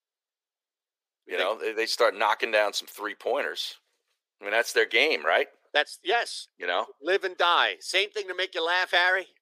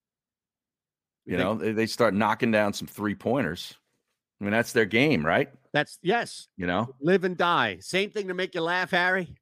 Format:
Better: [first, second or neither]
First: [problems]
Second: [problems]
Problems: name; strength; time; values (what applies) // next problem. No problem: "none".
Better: second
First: thin; very; fading below 400 Hz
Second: none